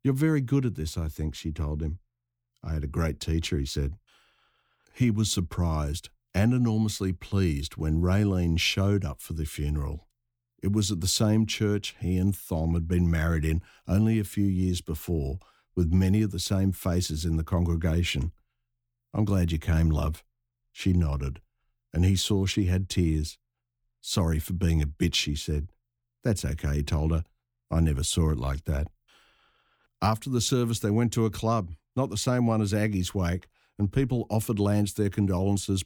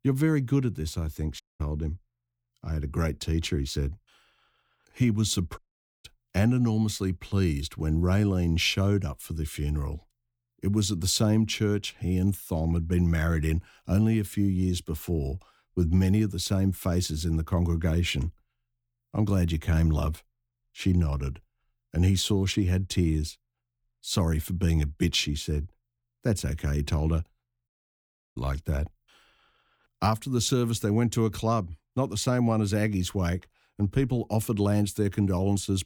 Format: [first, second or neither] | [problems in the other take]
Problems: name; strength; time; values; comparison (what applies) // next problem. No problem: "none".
first | audio cutting out; at 1.5 s, at 5.5 s and at 28 s for 0.5 s